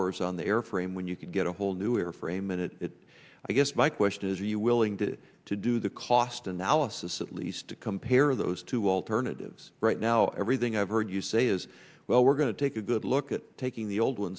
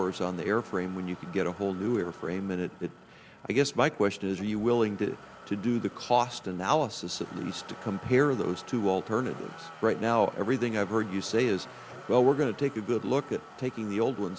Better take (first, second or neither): first